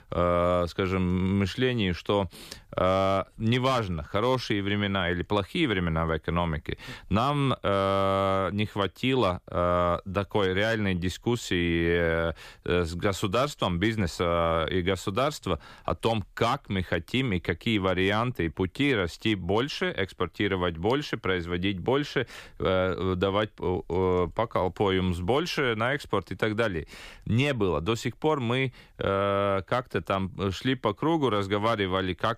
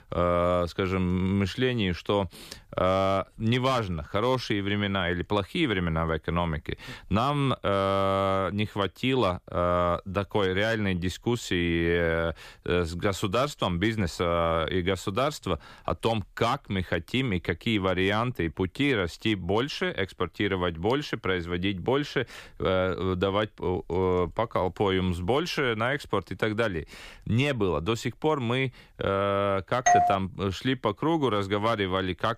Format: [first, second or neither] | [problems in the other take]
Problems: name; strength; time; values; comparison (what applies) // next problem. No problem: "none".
first | doorbell; loud; at 30 s; peak 5 dB above the speech